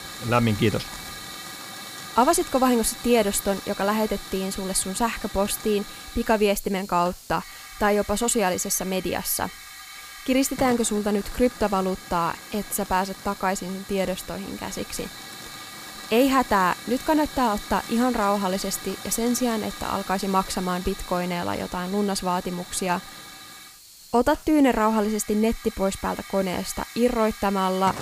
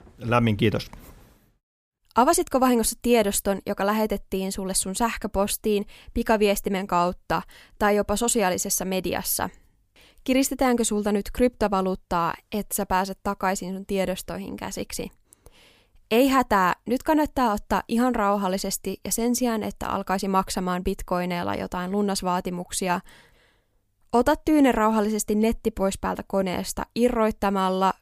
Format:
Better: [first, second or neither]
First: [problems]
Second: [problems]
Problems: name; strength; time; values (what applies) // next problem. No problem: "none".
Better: second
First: hiss; noticeable; throughout; 15 dB below the speech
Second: none